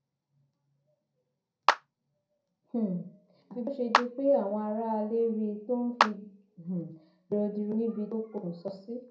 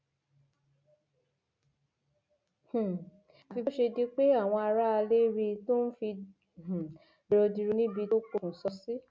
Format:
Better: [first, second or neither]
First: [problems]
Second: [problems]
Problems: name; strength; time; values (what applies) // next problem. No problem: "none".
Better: second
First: background sound (Clapping); as loud as the speech // room echo; dies away in 0.4 s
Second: none